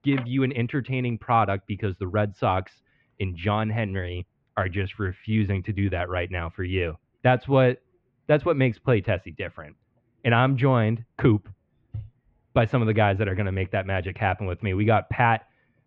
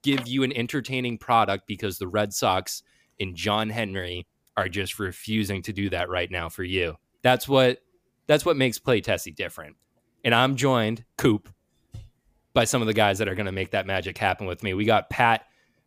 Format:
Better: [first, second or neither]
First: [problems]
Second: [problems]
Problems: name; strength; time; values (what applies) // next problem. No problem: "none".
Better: second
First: muffled; very; fading above 2.5 kHz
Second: none